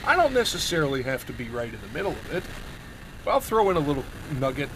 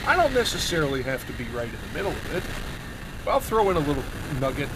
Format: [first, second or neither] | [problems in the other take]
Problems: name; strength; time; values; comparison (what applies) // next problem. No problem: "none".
first | wind noise on the microphone; heavy; 10 dB below the speech; occasional gusts in the first